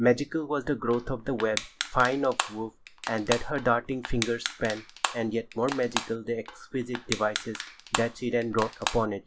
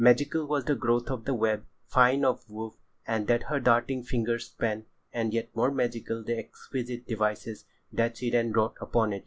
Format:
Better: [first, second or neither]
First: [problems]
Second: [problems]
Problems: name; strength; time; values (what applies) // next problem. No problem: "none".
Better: second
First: background sound (Crushing); 8 dB below the speech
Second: none